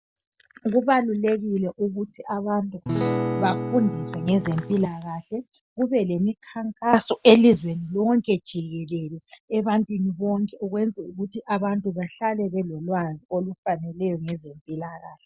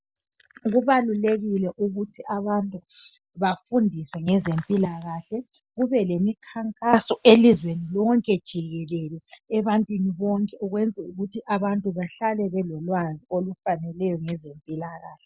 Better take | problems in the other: second | background sound (Acoustic guitar / Strum); 4 dB below the speech

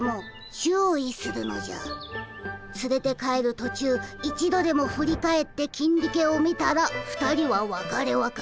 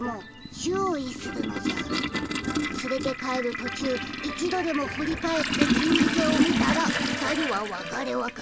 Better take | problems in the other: first | background sound (Toilet flush); 1 dB above the speech

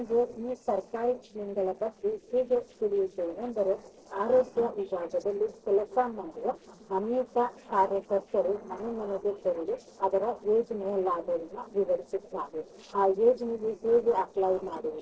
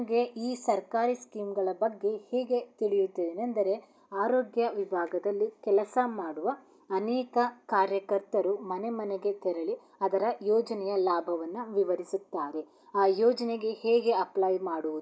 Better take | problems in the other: second | noise reduction (neural separator model SepFormer DNS4)

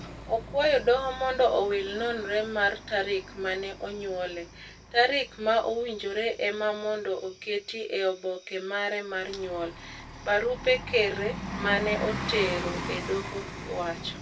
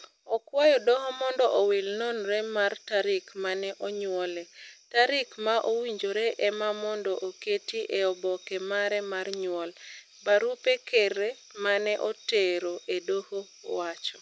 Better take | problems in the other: second | background sound (Bus); 11 dB below the speech // room echo; dies away in 0.1 s

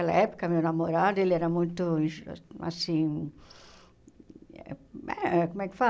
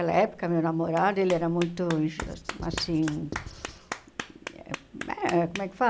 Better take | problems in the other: first | background sound (Writing + Clapping); 12 dB below the speech

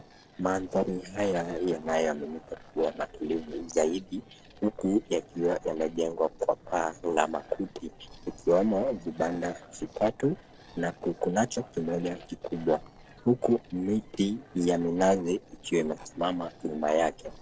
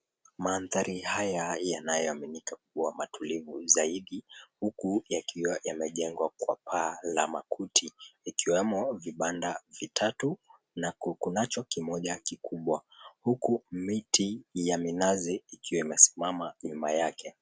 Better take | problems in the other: second | noise reduction (neural separator model SepFormer DNS4)

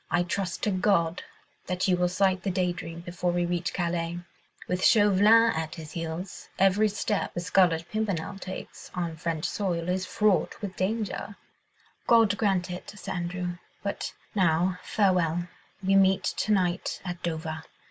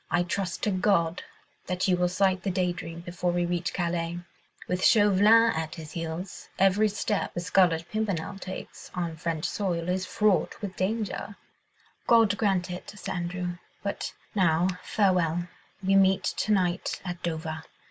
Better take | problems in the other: first | background sound (Finger snapping); 19 dB below the speech

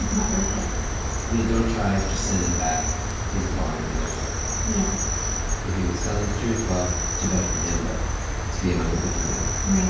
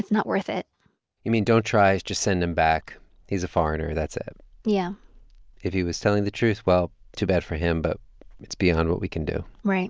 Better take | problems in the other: second | background sound (Cricket); 2 dB above the speech // room echo; dies away in 0.6 s

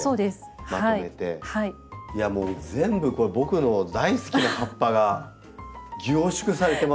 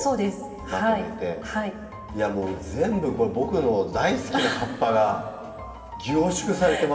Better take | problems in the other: first | room echo; dies away in 2.4 s

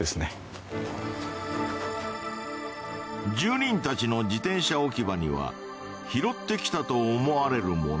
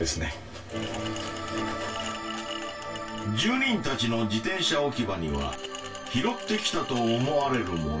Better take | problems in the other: first | background sound (Glass); 13 dB below the speech // room echo; dies away in 0.2 s

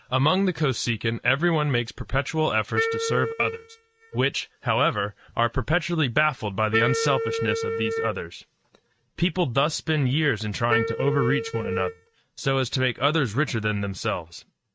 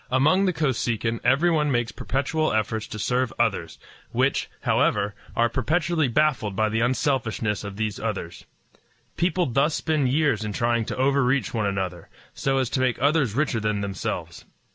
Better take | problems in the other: second | noise reduction (neural mask model RNNoise)

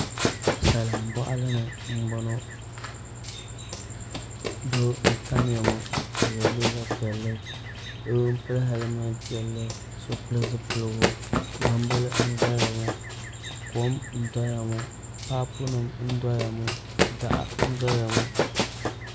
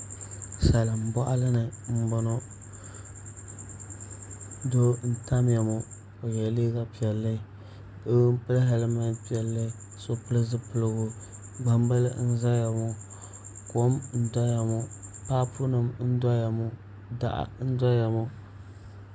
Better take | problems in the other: second | background sound (Run); 1 dB below the speech

